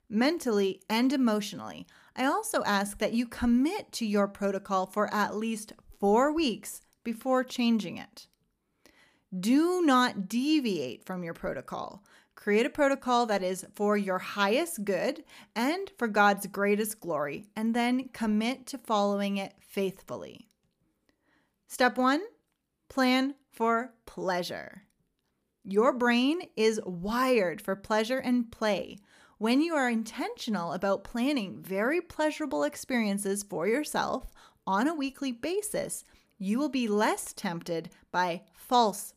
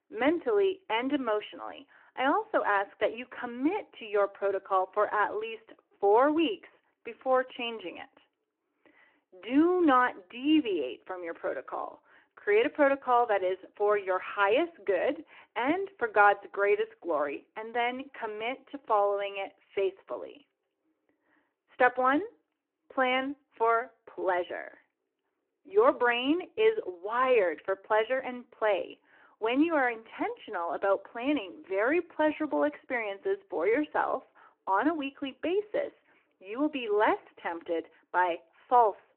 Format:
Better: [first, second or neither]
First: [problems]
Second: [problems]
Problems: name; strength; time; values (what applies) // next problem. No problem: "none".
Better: first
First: none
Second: phone-call audio